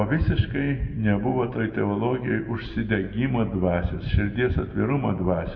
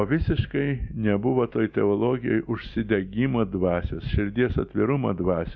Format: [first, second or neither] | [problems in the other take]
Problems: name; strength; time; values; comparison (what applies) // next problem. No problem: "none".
second | room echo; dies away in 1.2 s